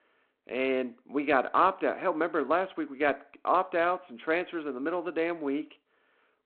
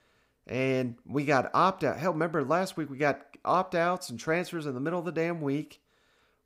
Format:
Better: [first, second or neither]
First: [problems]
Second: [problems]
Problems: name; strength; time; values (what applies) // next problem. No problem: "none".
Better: second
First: phone-call audio; nothing above 4 kHz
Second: none